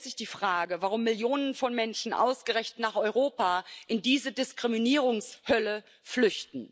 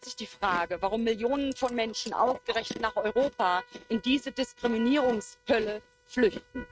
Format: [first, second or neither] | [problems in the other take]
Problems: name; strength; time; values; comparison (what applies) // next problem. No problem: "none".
first | noise reduction (neural mask model RNNoise)